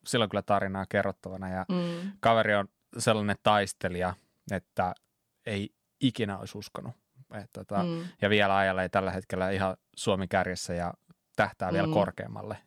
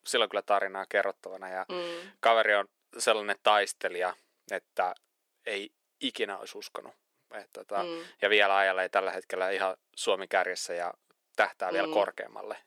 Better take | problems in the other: first | thin; very; fading below 350 Hz

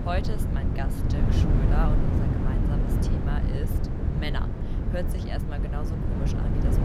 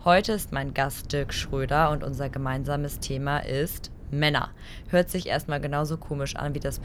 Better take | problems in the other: second | wind noise on the microphone; heavy; 2 dB above the speech; occasional gusts in the second

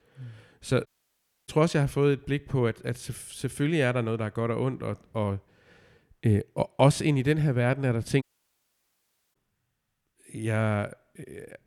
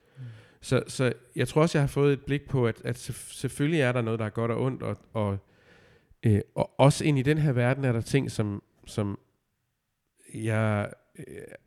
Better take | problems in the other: second | audio cutting out; at 1 s for 0.5 s and at 8 s for 1 s

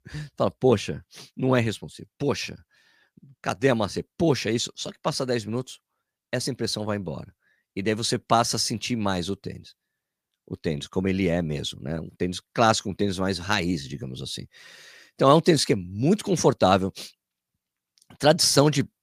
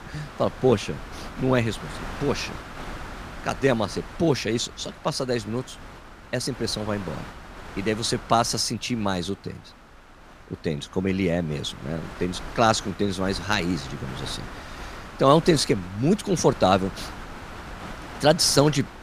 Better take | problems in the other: first | wind noise on the microphone; occasional gusts; 15 dB below the speech

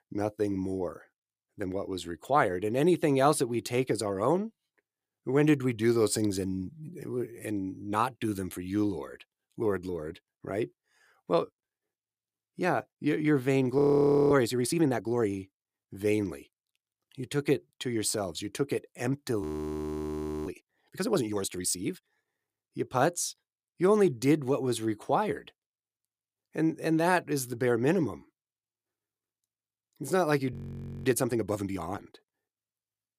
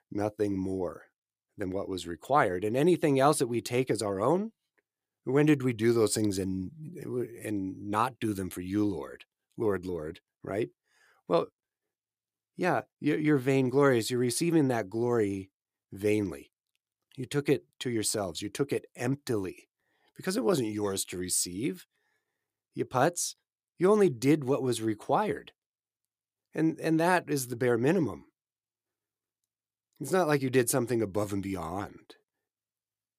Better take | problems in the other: second | audio freezing; at 14 s for 0.5 s, at 19 s for 1 s and at 31 s for 0.5 s

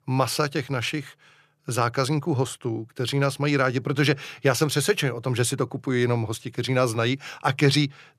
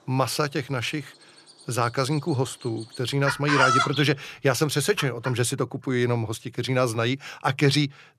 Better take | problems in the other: first | animal sounds; loud; until 5.5 s; 1 dB below the speech

